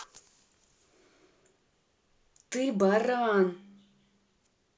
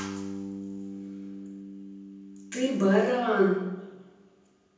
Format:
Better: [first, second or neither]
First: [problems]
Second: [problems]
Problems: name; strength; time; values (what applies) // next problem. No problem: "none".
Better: first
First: none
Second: background sound (Bass guitar); 11 dB below the speech // room echo; dies away in 0.9 s